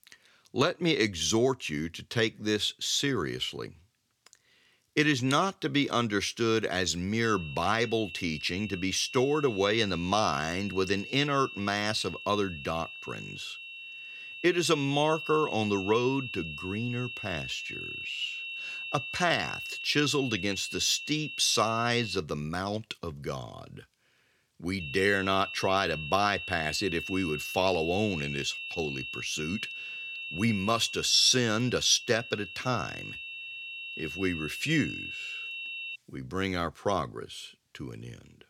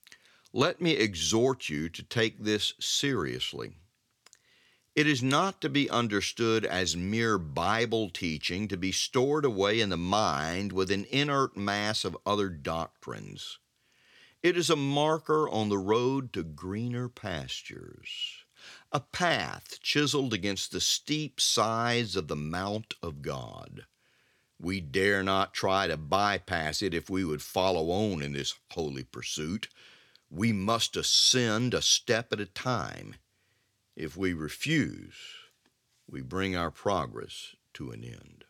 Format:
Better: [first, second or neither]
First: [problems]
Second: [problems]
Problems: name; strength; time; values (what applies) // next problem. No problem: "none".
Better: second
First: high-pitched whine; loud; from 7 to 22 s and from 25 to 36 s; 2.5 kHz, 9 dB below the speech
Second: none